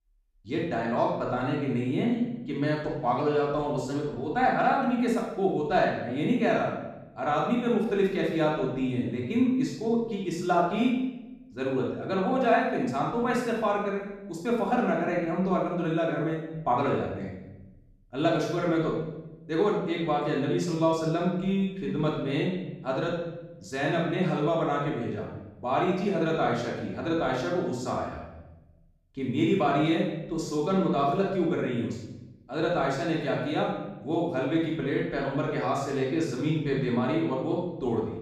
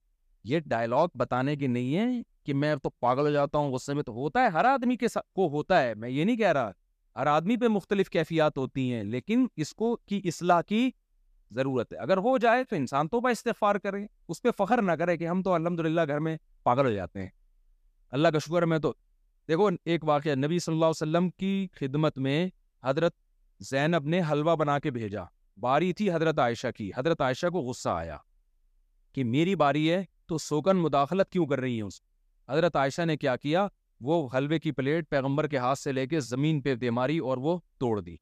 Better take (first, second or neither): second